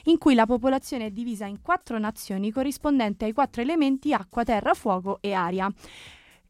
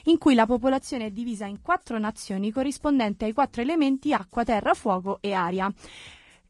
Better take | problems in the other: first | garbled, watery; slightly; nothing above 10.5 kHz

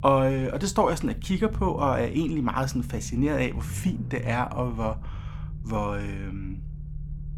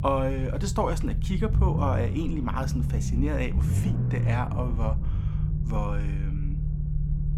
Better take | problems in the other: first | low rumble; loud; throughout; 9 dB below the speech; faint in the first

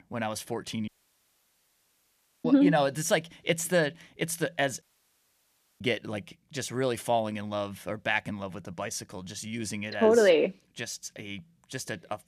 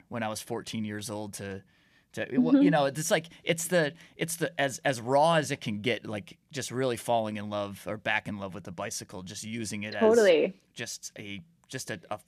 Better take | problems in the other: second | audio cutting out; at 1 s for 1.5 s and at 5 s for 1 s

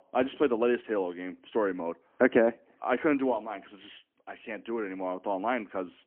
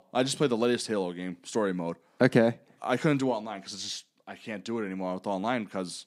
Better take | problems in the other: second | phone-call audio; poor line; nothing above 3 kHz

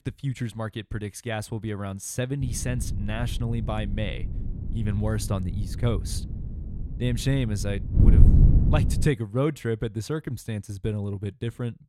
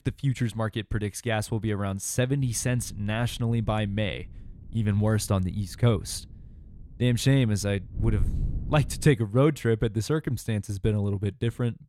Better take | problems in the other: second | wind noise on the microphone; heavy; from 2.5 to 9 s; 6 dB below the speech; occasional gusts in the second

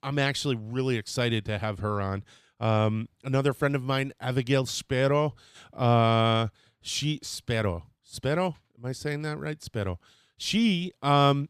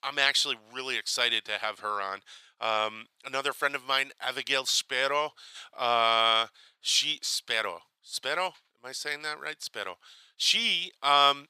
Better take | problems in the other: first | thin; very; fading below 900 Hz

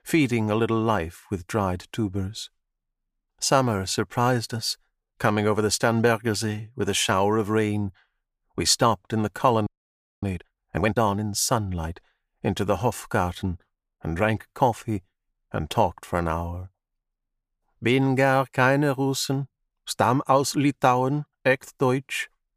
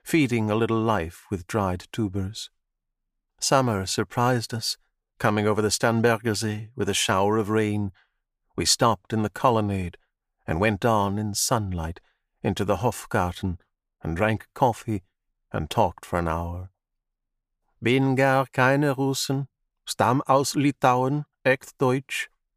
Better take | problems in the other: second | audio freezing; at 9.5 s for 0.5 s

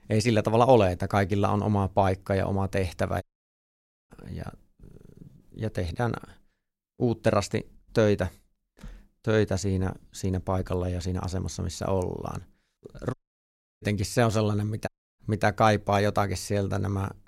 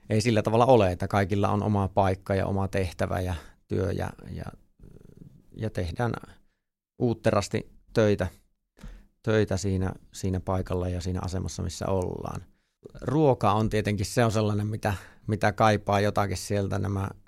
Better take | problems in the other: second | audio cutting out; at 3 s for 1 s, at 13 s for 0.5 s and at 15 s

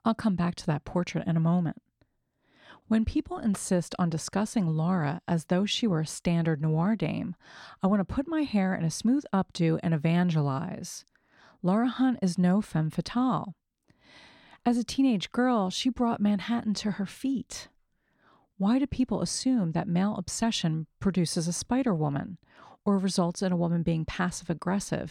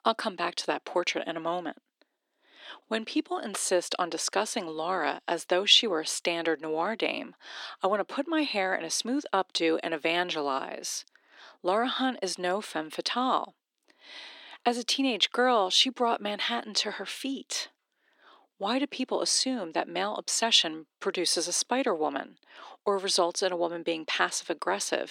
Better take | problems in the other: first | thin; very; fading below 300 Hz

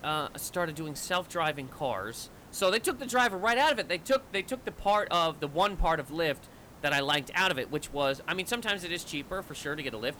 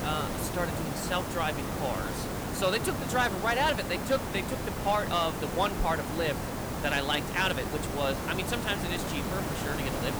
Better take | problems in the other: first | hiss; loud; throughout; 3 dB below the speech; faint in the first

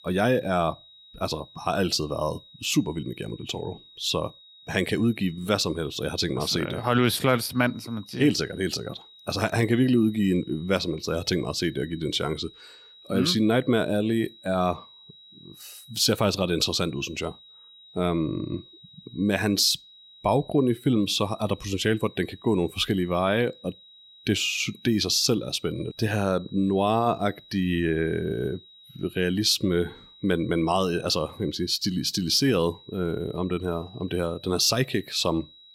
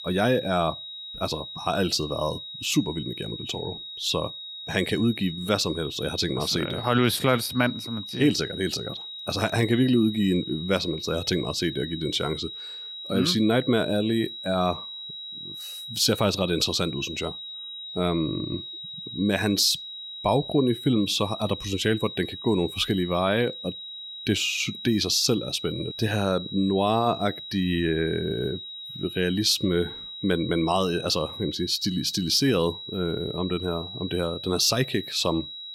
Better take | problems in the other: first | high-pitched whine; loud; throughout; 4 kHz, 10 dB below the speech; faint in the first

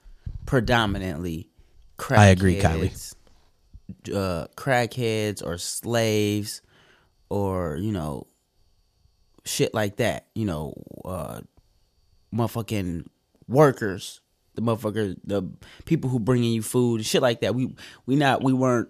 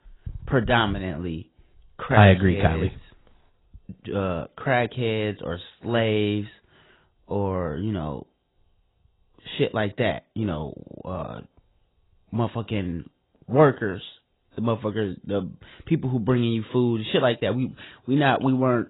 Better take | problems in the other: first | garbled, watery; badly; nothing above 4 kHz

